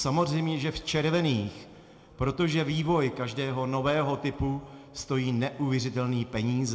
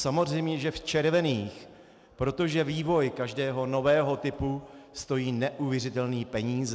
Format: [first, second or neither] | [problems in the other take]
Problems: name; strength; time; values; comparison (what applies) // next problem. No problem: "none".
second | room echo; dies away in 1 s